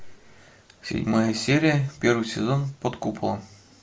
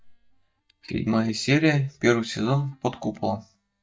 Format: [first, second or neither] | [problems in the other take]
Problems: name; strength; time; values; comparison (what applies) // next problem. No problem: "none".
first | noise reduction (neural mask model DeepFilterNet 3)